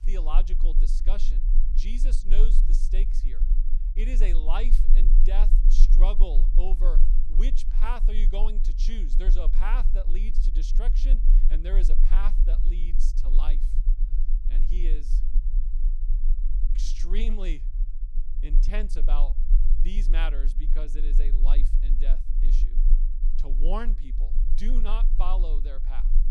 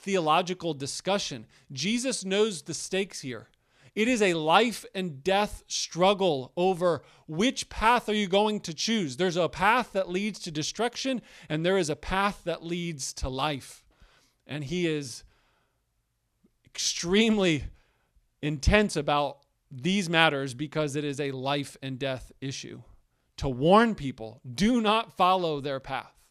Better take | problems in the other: second | low rumble; noticeable; throughout; 15 dB below the speech

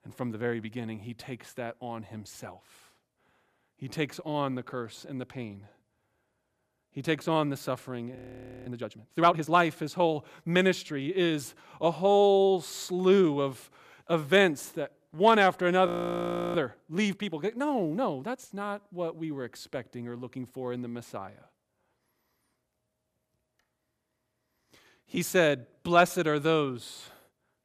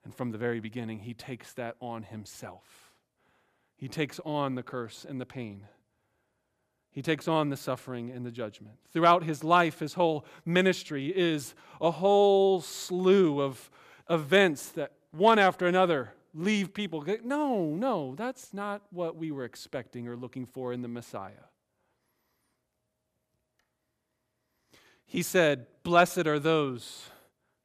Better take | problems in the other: second | audio freezing; at 8 s for 0.5 s and at 16 s for 0.5 s

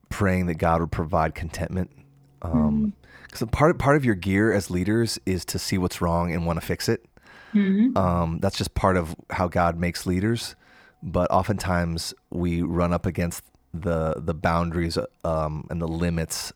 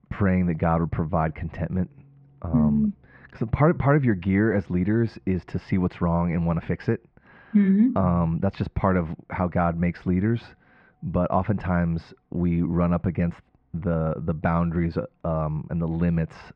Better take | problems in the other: first | muffled; very; fading above 2.5 kHz

